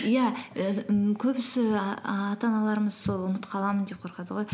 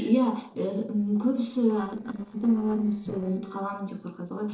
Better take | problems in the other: first | noise reduction (neural separator model SepFormer DNS4)

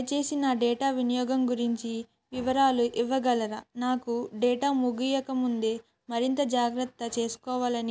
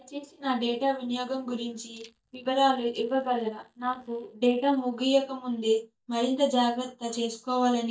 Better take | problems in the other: first | noise reduction (neural mask model DeepFilterNet 3)

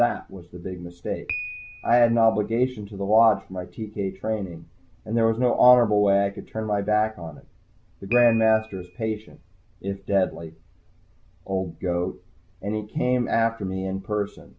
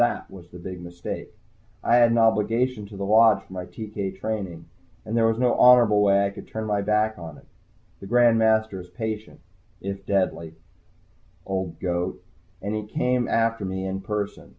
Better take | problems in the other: second | background sound (Piano); 19 dB below the speech

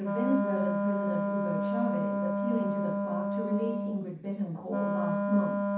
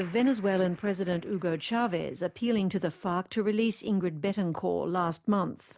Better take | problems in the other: second | background sound (Wind instrument, woodwind instrument); 3 dB above the speech // room echo; dies away in 0.6 s

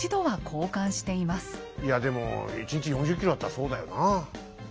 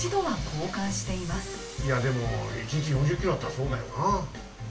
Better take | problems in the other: first | background sound (Train); 15 dB below the speech // room echo; dies away in 0.2 s

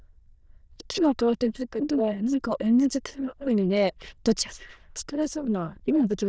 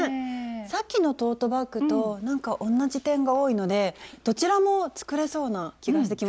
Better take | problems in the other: second | noise reduction (neural diffusion model UNIVERSE++)

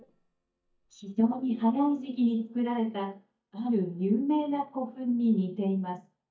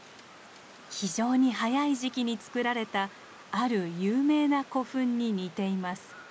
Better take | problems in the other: second | noise reduction (neural mask model DeepFilterNet 3)

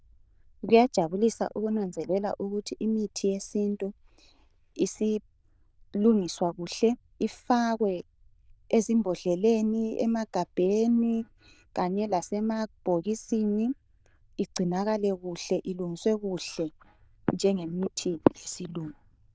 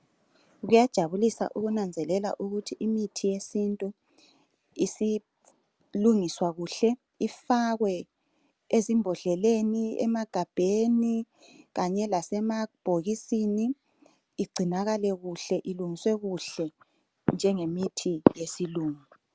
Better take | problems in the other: second | noise reduction (neural diffusion model UNIVERSE++)

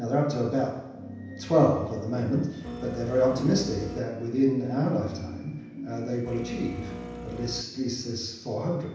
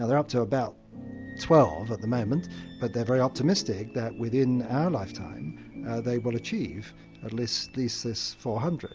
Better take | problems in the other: second | background sound (Printer); 10 dB below the speech // room echo; dies away in 0.9 s

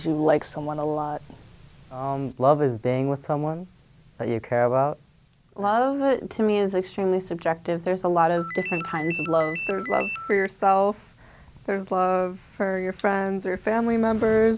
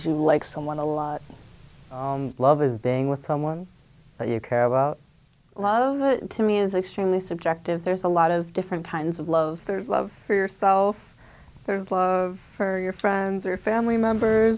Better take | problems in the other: second | background sound (Ringtone); 8 dB below the speech

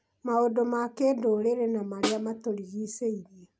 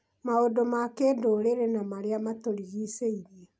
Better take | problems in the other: second | background sound (Snare drum); 7 dB below the speech

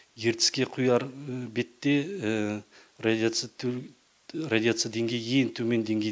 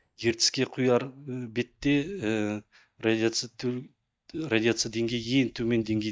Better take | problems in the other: first | noise reduction (neural mask model DeepFilterNet 3)

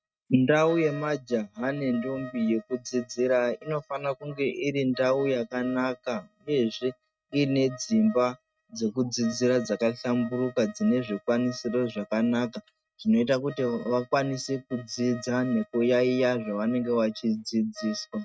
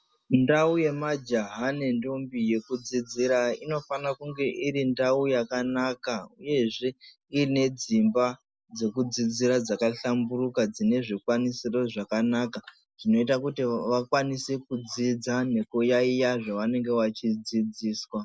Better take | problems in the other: second | noise reduction (neural mask model RNNoise)

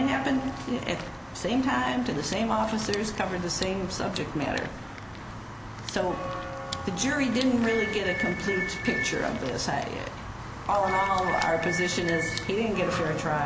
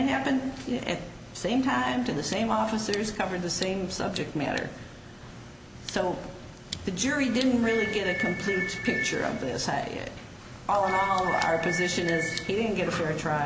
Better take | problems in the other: second | background sound (Walk, footsteps / Bell); 11 dB below the speech

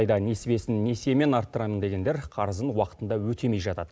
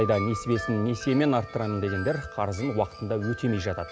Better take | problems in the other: first | background sound (Wind chime); 12 dB below the speech

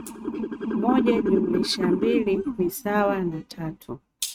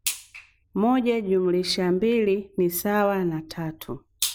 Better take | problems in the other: second | noise reduction (neural mask model RNNoise)

